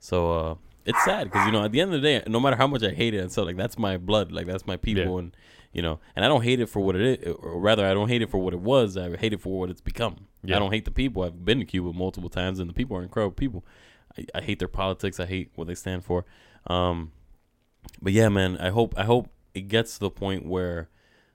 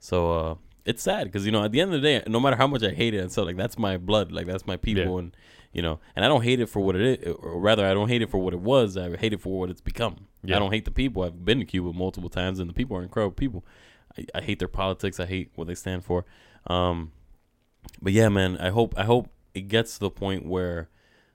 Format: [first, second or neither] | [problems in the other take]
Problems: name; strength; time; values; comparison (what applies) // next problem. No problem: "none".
second | dog barking; loud; at 1 s; peak 1 dB above the speech